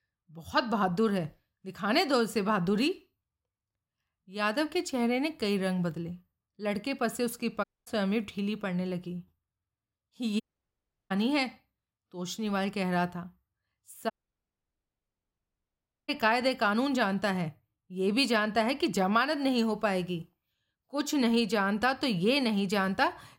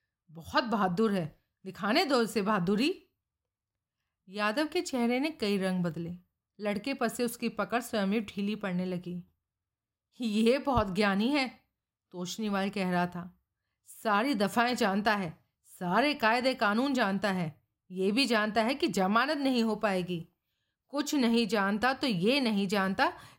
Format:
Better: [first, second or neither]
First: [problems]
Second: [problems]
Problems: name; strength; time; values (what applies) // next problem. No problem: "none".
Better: second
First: audio cutting out; at 7.5 s, at 10 s for 0.5 s and at 14 s for 2 s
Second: none